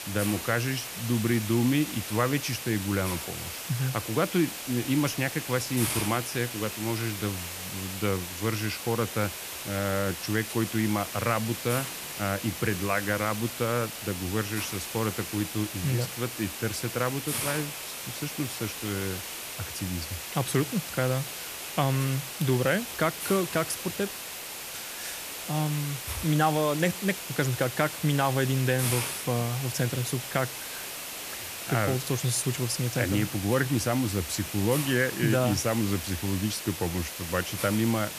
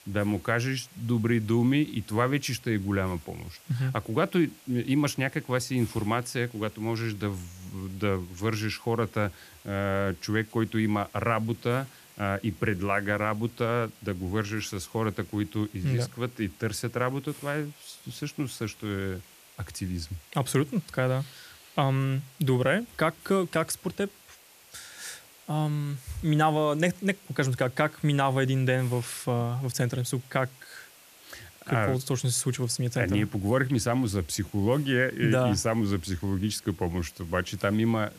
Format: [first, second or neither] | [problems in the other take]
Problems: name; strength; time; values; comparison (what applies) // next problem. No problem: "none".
second | hiss; loud; throughout; 6 dB below the speech; faint in the second